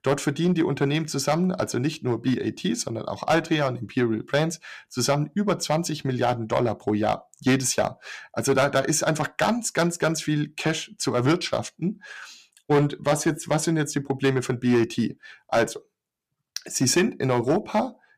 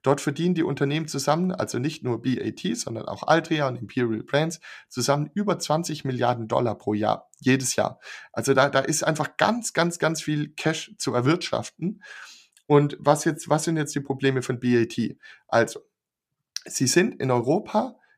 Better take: second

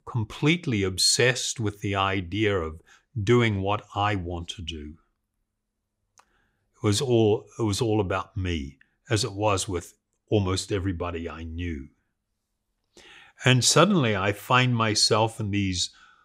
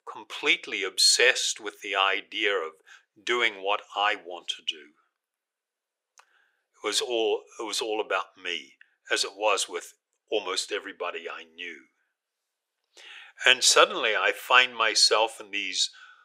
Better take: first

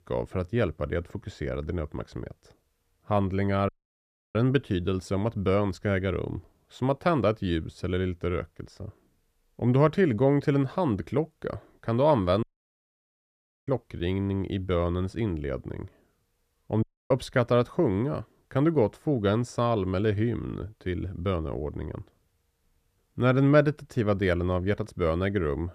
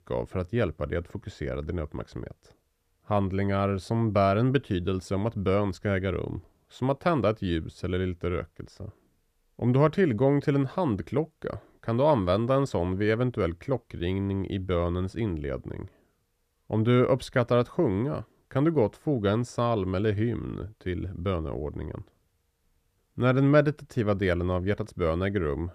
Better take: second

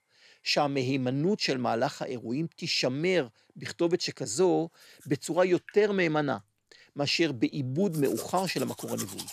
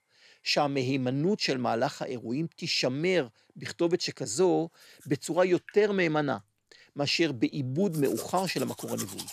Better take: neither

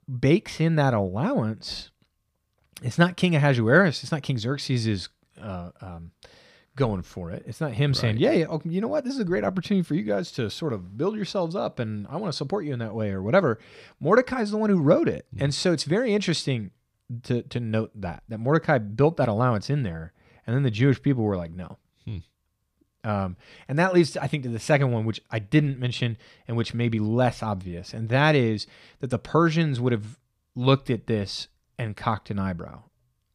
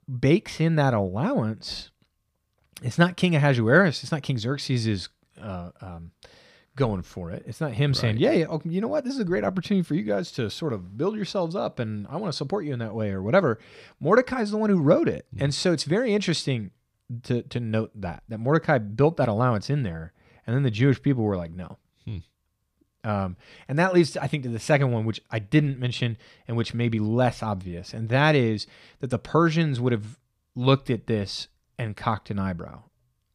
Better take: neither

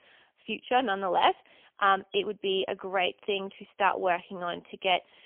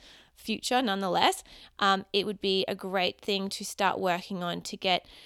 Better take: second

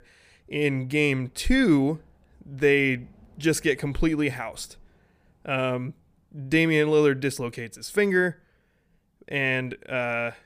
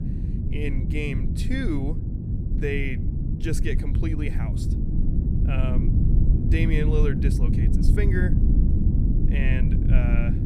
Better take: first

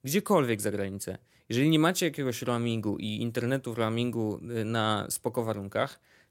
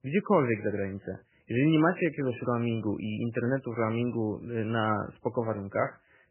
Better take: first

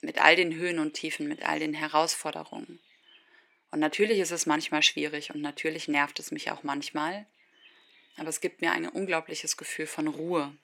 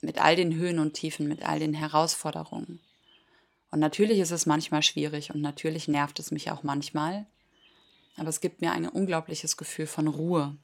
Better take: second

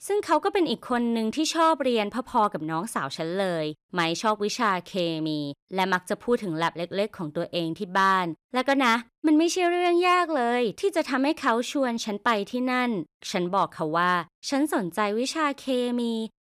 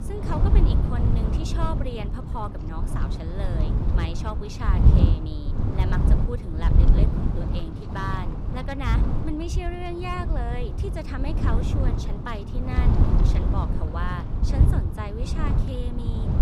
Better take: first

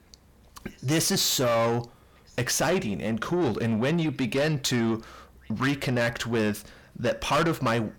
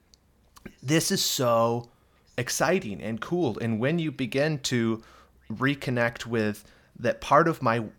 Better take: second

